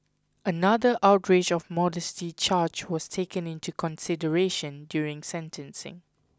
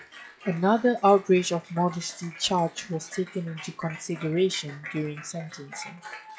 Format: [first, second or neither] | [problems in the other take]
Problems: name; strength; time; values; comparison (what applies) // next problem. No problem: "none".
first | noise reduction (classical method WPE with log-MMSE)